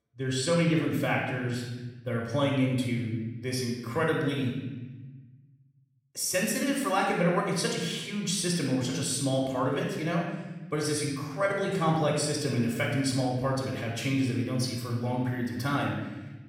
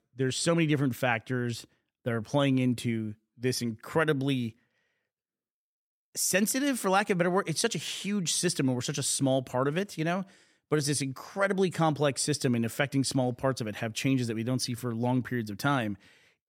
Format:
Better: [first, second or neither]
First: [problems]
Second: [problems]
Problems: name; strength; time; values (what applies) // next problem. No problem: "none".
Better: second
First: off-mic speech; far // room echo; noticeable; dies away in 1.1 s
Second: none